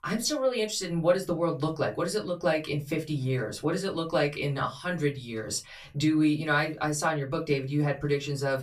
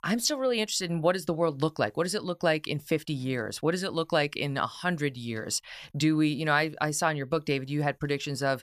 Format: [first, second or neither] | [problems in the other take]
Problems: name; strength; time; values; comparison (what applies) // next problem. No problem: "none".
second | off-mic speech; far // room echo; very slight; dies away in 0.2 s